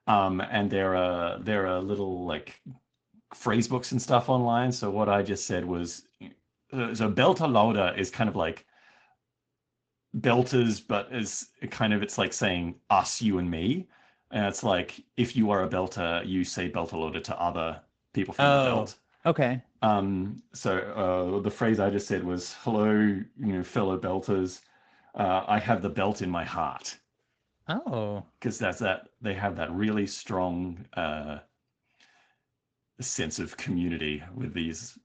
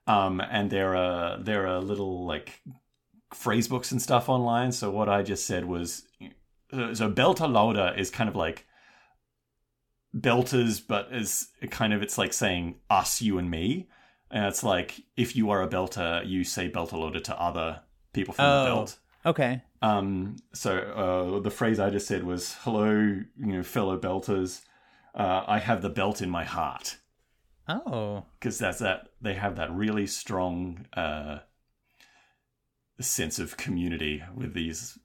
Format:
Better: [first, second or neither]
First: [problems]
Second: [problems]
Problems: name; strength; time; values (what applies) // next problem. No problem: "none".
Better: second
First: garbled, watery; slightly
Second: none